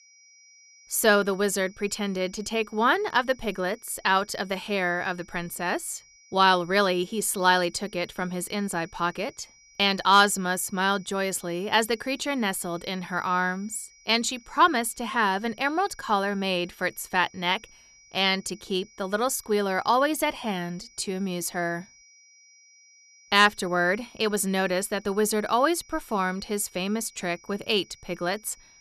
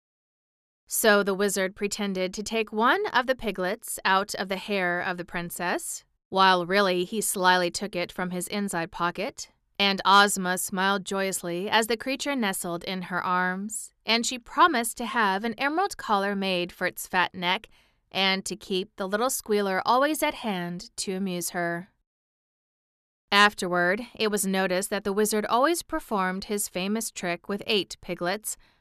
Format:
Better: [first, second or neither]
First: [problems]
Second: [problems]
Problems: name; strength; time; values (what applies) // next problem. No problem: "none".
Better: second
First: high-pitched whine; faint; throughout; 5.5 kHz, 25 dB below the speech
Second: none